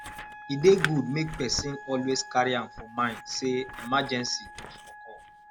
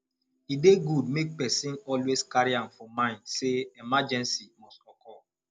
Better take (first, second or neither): second